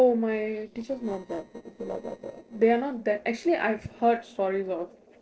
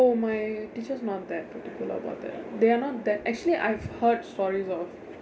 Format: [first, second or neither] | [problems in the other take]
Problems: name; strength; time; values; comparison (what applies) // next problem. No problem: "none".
second | noise reduction (neural separator model SepFormer DNS4)